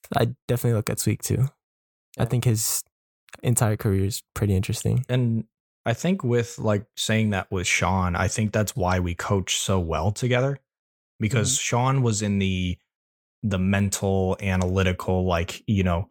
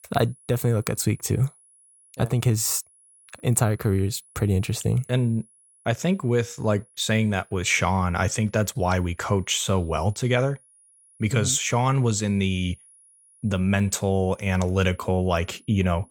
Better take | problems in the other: first | high-pitched whine; faint; throughout; 10.5 kHz, 30 dB below the speech

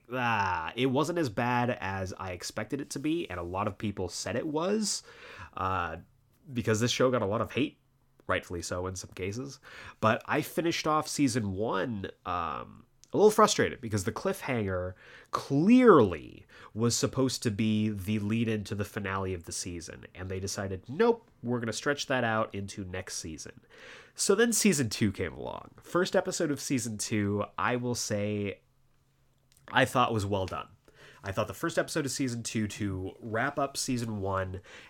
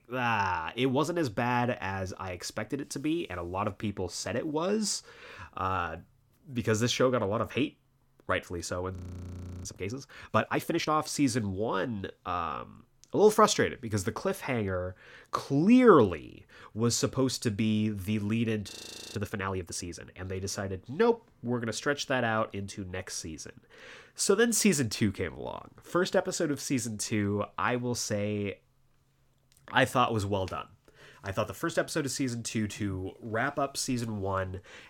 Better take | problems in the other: first | audio freezing; at 9 s for 0.5 s and at 19 s

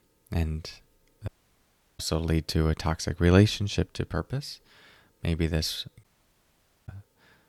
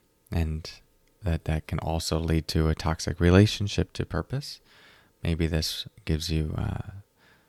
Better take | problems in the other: second | audio cutting out; at 1.5 s for 0.5 s and at 6 s for 1 s

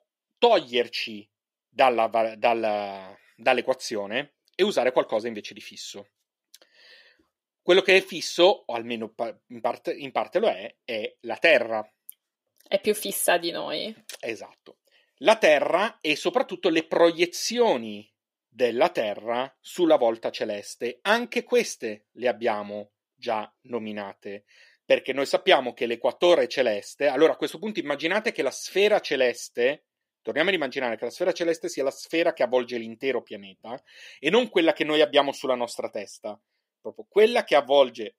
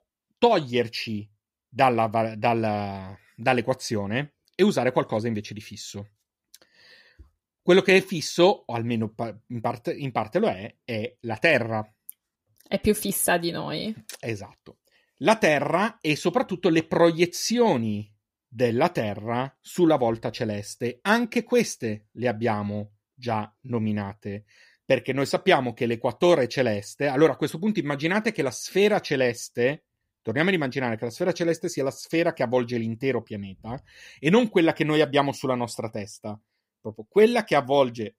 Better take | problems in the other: second | thin; somewhat; fading below 350 Hz

